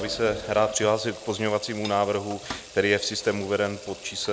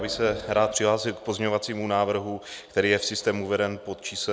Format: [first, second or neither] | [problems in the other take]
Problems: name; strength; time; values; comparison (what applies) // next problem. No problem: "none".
second | background sound (Sink (filling or washing) / Water tap, faucet); 17 dB below the speech